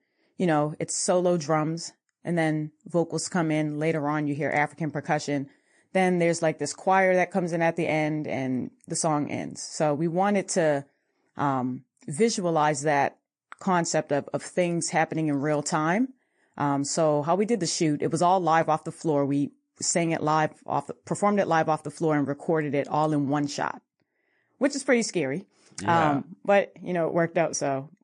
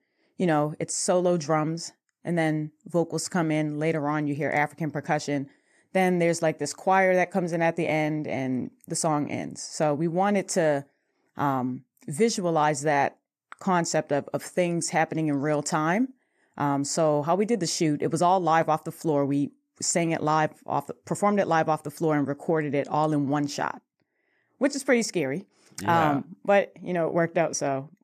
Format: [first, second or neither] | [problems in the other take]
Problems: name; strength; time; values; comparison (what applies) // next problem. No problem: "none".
second | garbled, watery; slightly; nothing above 9 kHz